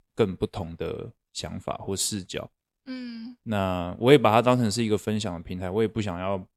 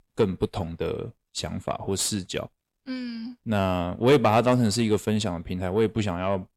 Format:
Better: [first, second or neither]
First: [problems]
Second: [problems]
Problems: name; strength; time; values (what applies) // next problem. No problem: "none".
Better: first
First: none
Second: distortion; slight; 10 dB below the speech